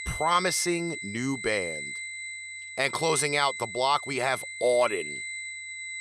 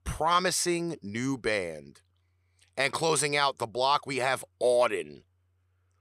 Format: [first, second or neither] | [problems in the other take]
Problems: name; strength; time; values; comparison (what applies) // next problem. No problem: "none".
second | high-pitched whine; loud; throughout; 2 kHz, 8 dB below the speech